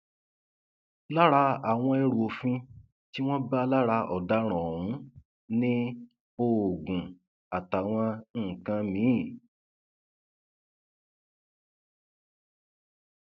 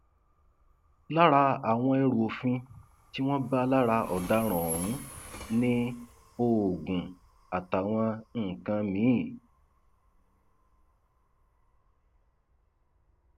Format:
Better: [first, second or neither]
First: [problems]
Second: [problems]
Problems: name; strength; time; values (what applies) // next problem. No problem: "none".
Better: first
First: none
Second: background sound (Train); 19 dB below the speech